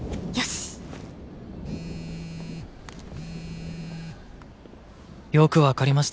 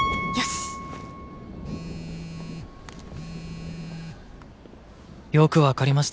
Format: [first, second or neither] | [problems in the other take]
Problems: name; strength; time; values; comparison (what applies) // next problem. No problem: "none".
first | background sound (Piano); 10 dB below the speech